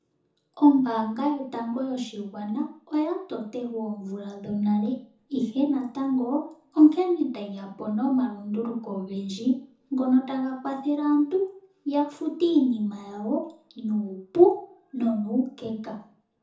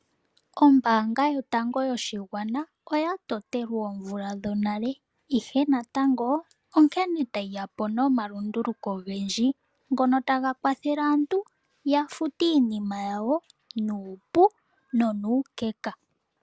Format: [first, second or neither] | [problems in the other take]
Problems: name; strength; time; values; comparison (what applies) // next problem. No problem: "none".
second | room echo; dies away in 0.5 s